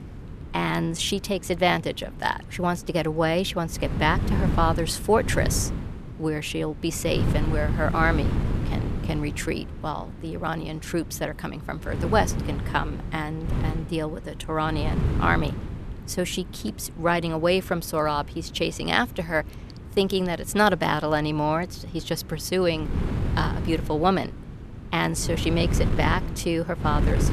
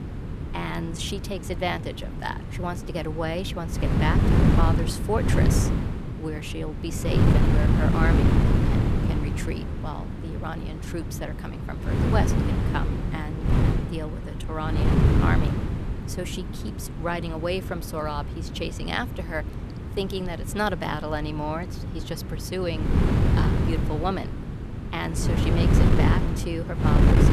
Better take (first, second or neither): first